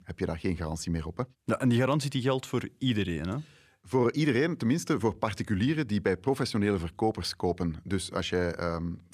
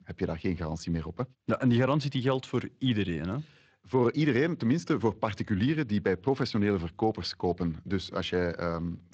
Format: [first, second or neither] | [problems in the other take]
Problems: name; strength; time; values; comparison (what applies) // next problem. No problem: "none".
first | garbled, watery; slightly; nothing above 7.5 kHz